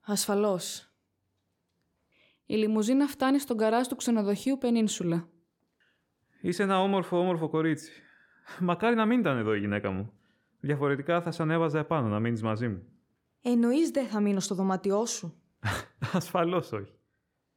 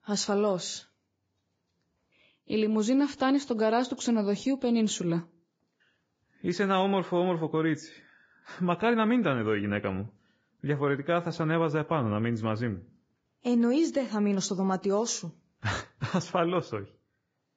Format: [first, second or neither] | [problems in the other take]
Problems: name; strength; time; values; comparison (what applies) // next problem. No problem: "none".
first | garbled, watery; badly; nothing above 7.5 kHz